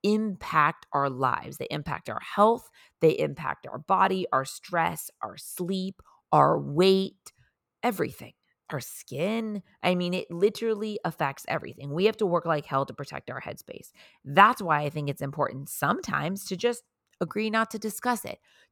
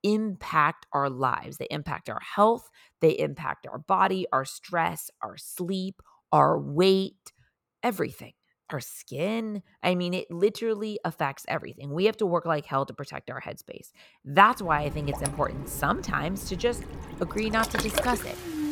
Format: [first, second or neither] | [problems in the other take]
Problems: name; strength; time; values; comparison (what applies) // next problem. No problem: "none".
first | rain or running water; loud; from 15 s on; 8 dB below the speech